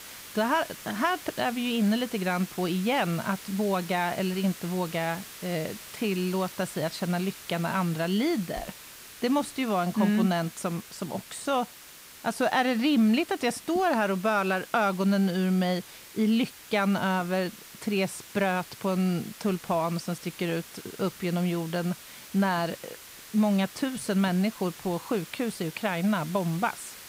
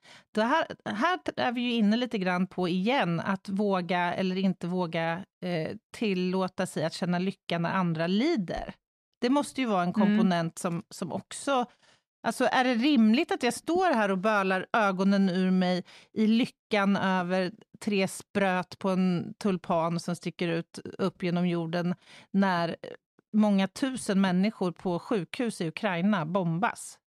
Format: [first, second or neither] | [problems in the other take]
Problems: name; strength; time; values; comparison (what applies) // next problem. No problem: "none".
second | hiss; noticeable; throughout; 15 dB below the speech